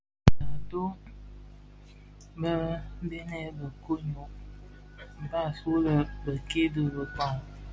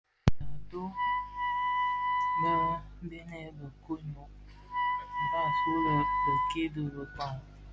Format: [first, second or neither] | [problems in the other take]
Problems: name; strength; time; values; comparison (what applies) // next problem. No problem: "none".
first | background sound (Wind instrument, woodwind instrument); 3 dB above the speech